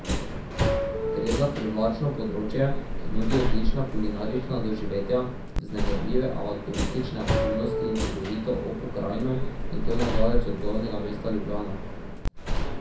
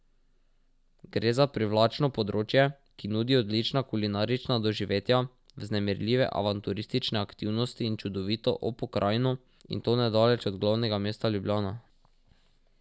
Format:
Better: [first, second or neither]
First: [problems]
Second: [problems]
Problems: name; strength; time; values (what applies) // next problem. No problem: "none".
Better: second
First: background sound (Subway, metro, underground); 3 dB above the speech // room echo; dies away in 0.6 s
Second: none